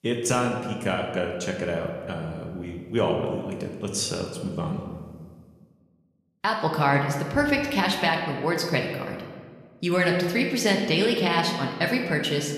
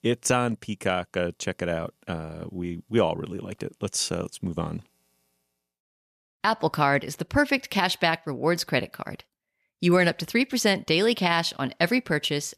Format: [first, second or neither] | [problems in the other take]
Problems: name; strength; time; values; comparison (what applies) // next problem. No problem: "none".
second | room echo; slight; dies away in 1.3 s